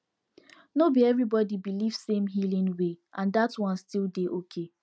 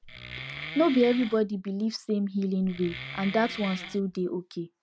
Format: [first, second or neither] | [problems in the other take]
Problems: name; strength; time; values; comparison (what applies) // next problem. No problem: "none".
first | background sound (Wood); 12 dB below the speech